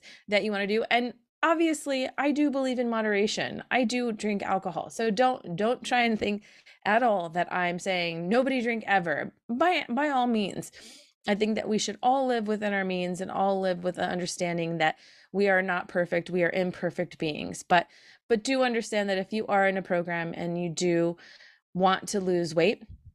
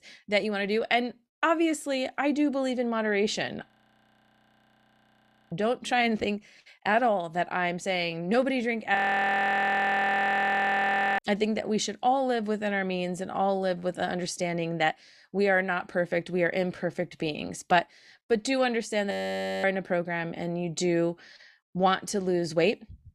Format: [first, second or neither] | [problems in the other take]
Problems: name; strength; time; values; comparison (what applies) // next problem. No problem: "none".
first | audio freezing; at 3.5 s for 2 s, at 9 s for 2 s and at 19 s for 0.5 s